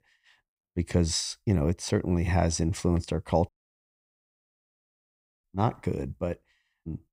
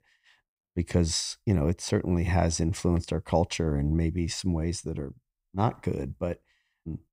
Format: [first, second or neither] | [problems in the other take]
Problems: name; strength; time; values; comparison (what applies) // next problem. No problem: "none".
second | audio cutting out; at 3.5 s for 2 s